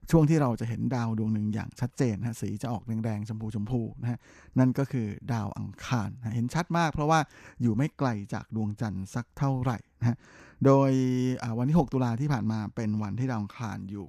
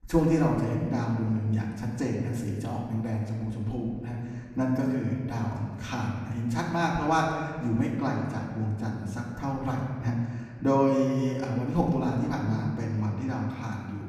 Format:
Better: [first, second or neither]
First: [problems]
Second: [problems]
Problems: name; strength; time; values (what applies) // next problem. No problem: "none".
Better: first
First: none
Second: off-mic speech; far // room echo; noticeable; dies away in 1.6 s